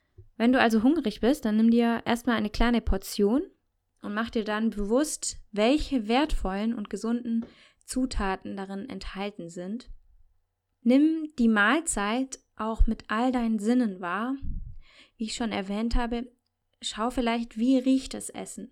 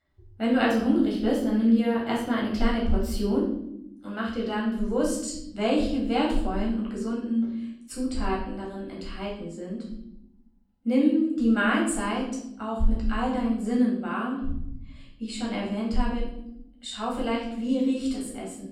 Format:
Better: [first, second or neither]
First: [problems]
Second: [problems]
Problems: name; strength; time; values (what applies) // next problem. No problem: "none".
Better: first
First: none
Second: off-mic speech; far // room echo; noticeable; dies away in 0.8 s